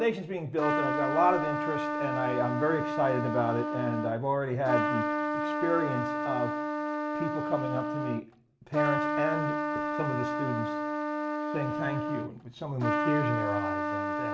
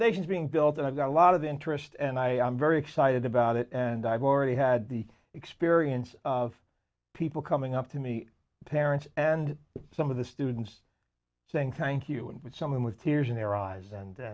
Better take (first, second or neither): second